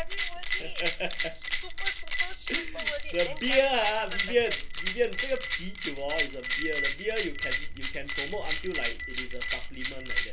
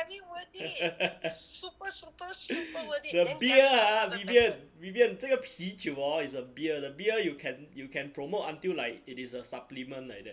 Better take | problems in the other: second | background sound (Bell); 2 dB above the speech

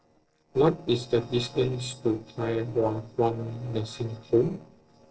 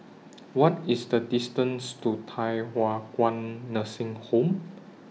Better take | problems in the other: second | noise reduction (neural separator model SepFormer DNS4)

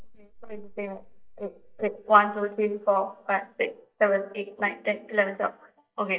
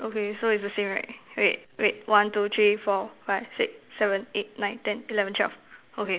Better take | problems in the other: second | noise reduction (neural mask model DeepFilterNet 3)

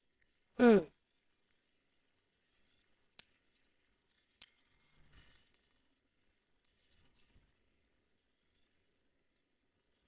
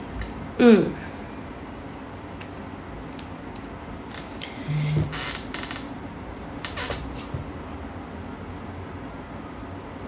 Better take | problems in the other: second | noise reduction (neural separator model SepFormer WHAMR!)

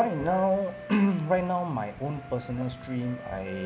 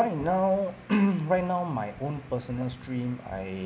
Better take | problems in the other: second | background sound (Wind instrument, woodwind instrument); 16 dB below the speech

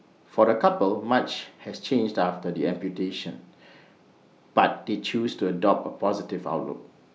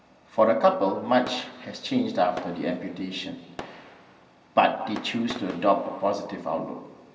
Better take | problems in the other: first | background sound (Fireworks); 19 dB below the speech // room echo; dies away in 2.5 s

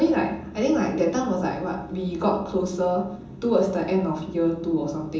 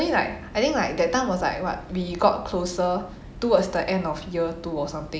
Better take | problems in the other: second | room echo; dies away in 0.6 s

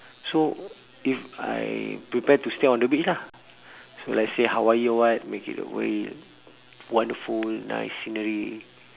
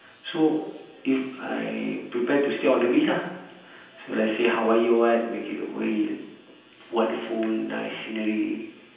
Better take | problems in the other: first | room echo; dies away in 0.9 s

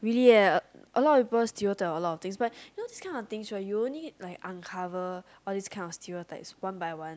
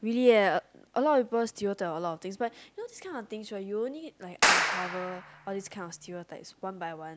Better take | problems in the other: first | background sound (Clapping); 1 dB above the speech

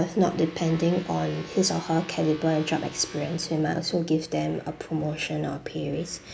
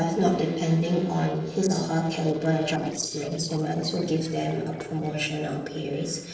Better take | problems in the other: first | noise reduction (neural separator model SepFormer DNS4)

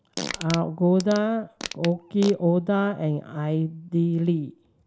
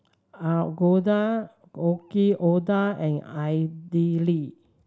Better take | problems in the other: second | background sound (Fart); 12 dB below the speech

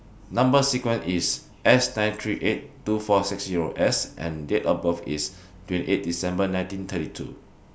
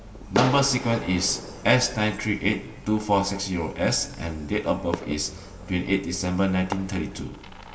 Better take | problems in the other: first | background sound (Fireworks); 11 dB below the speech // room echo; dies away in 1.7 s

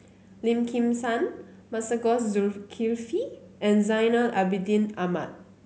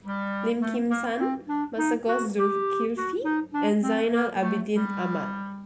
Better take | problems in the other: first | background sound (Wind instrument, woodwind instrument); 1 dB below the speech

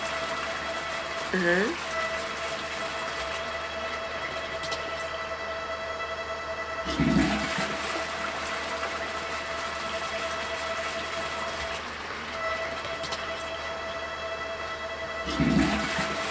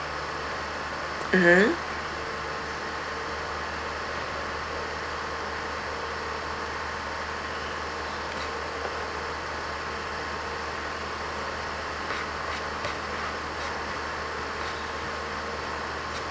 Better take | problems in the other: second | background sound (Toilet flush / Water + Bowed string instrument); 4 dB above the speech

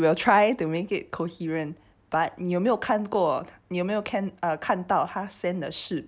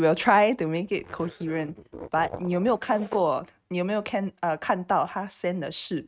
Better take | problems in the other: first | noise reduction (neural mask model RNNoise)

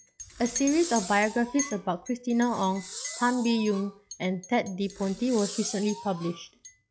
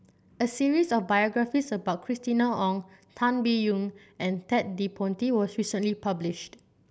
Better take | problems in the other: second | noise reduction (classical method log-MMSE)

